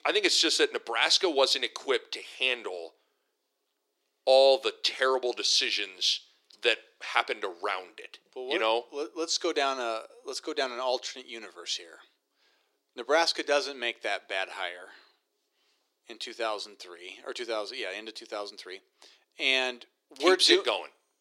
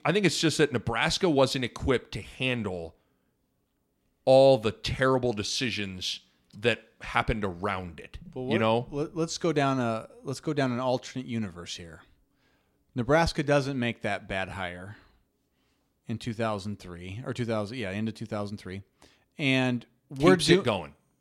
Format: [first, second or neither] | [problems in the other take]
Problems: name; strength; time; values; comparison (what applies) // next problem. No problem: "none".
second | thin; very; fading below 350 Hz